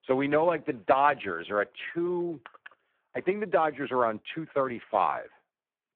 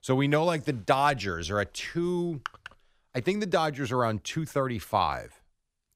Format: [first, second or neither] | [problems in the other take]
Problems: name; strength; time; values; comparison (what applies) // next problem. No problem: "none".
second | phone-call audio; poor line